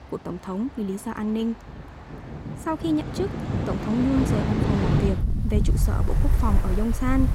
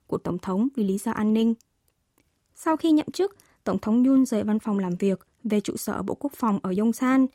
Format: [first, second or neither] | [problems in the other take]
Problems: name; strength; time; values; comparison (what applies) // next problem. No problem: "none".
second | rain or running water; very loud; throughout; 3 dB above the speech